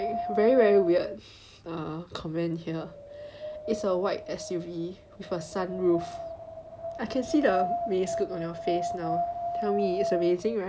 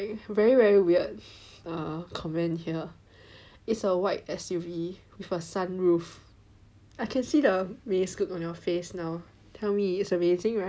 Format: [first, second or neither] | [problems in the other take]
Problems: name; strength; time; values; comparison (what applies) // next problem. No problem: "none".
second | background sound (Wind); 6 dB below the speech